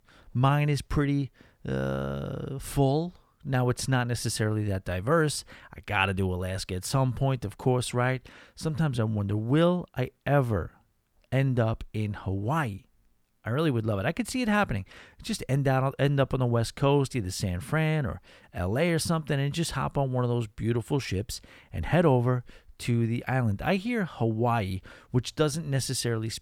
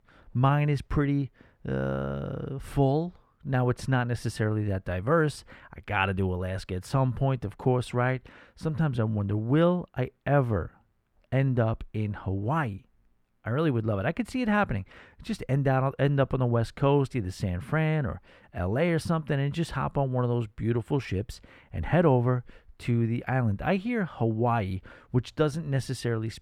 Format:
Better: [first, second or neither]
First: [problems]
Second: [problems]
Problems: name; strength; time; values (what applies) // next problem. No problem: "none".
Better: first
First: none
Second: muffled; slightly; fading above 3.5 kHz